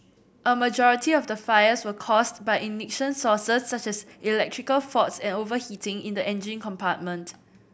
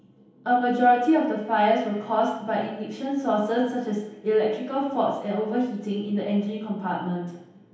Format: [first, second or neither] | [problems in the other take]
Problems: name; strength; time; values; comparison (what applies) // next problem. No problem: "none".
first | room echo; dies away in 2.2 s